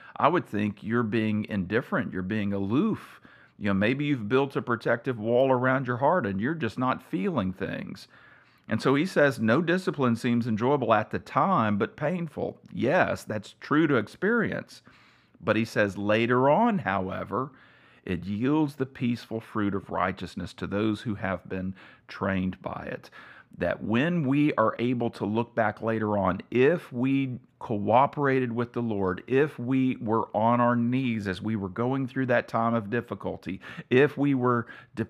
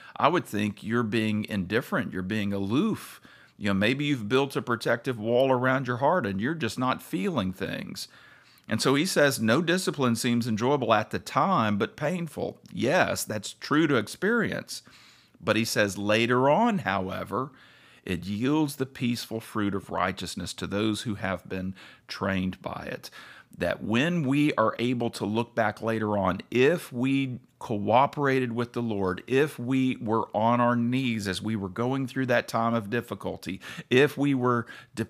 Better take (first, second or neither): second